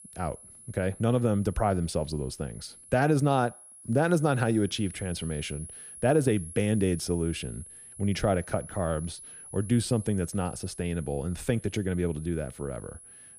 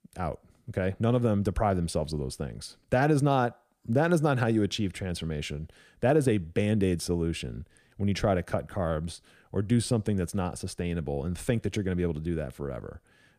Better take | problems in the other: second | high-pitched whine; noticeable; throughout; 10.5 kHz, 15 dB below the speech

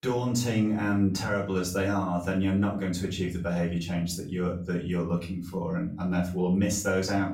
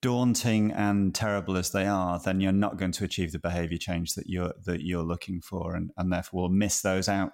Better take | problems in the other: second | off-mic speech; far // room echo; slight; dies away in 0.3 s

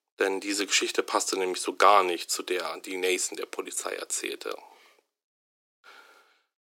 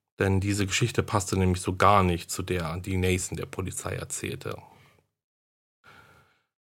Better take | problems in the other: second | thin; very; fading below 300 Hz

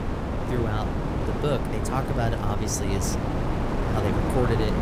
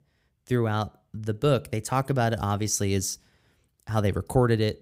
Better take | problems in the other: second | wind noise on the microphone; heavy; as loud as the speech

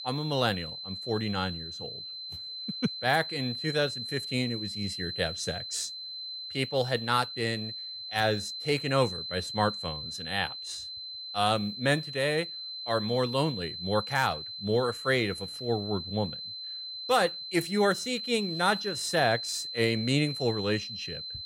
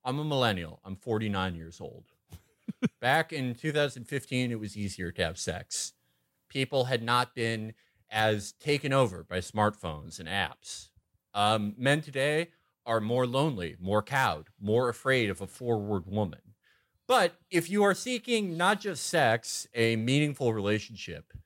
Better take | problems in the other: second | high-pitched whine; loud; throughout; 4 kHz, 6 dB below the speech

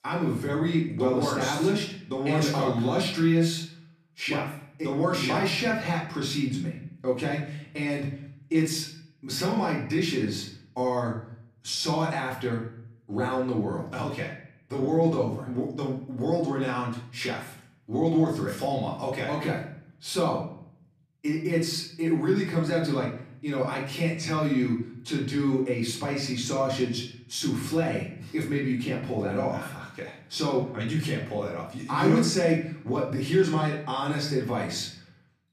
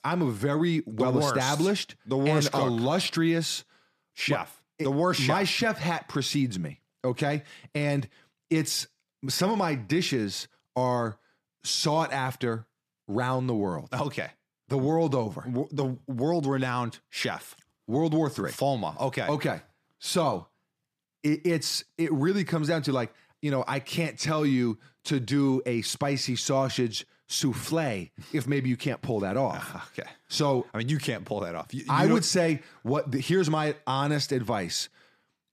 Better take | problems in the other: second | room echo; slight; dies away in 0.6 s // off-mic speech; far

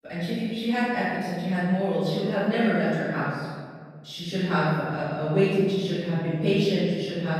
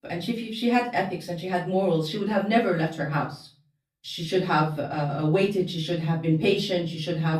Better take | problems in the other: second | room echo; strong; dies away in 1.8 s; slight in the second // off-mic speech; far; far in the second

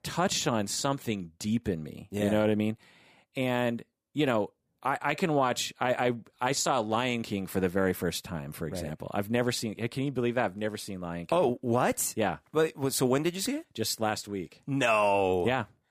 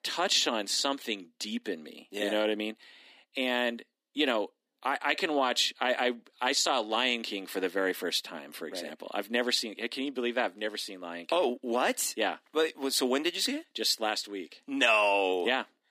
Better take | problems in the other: first | thin; very slightly; fading below 250 Hz

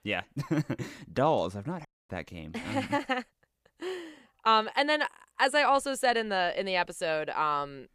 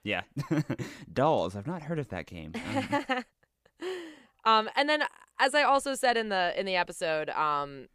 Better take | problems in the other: second | audio cutting out; at 2 s

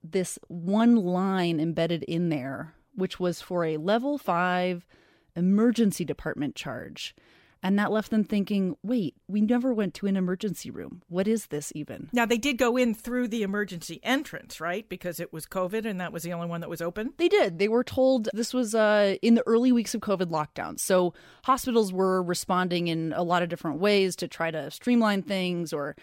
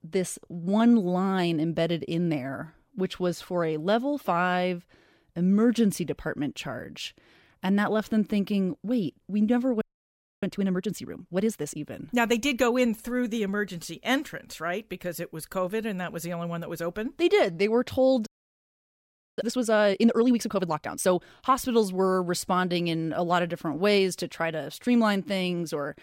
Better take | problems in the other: first | audio freezing; at 10 s for 0.5 s and at 18 s for 1 s

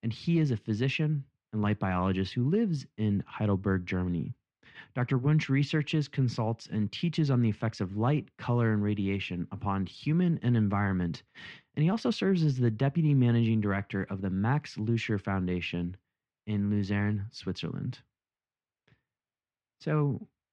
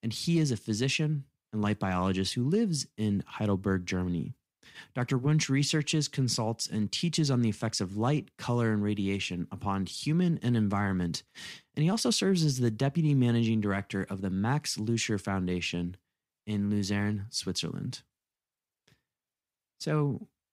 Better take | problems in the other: second | muffled; slightly; fading above 2.5 kHz

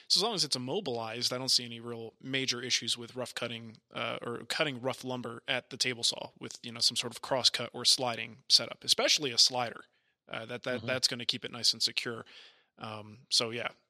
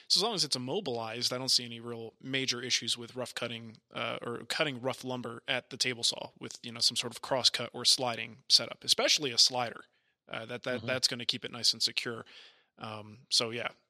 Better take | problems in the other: neither | thin; very slightly; fading below 950 Hz; the same in both

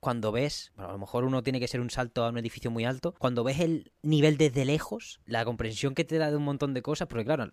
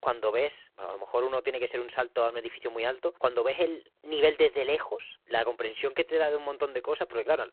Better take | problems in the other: first | phone-call audio; poor line

